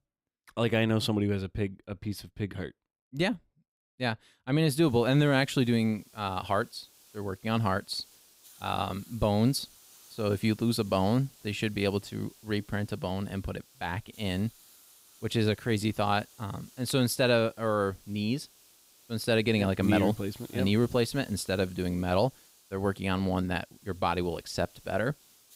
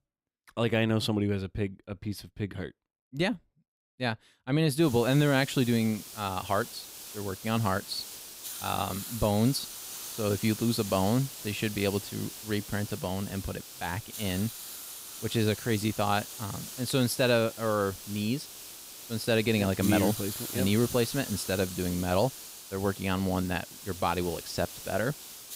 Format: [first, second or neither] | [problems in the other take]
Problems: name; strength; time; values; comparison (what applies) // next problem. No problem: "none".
first | hiss; loud; from 5 s on; 10 dB below the speech; faint in the first